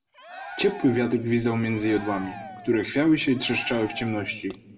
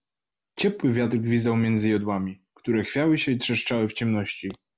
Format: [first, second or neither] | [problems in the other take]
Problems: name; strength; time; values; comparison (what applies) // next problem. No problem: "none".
second | background sound (Cheering); 16 dB below the speech // room echo; dies away in 0.7 s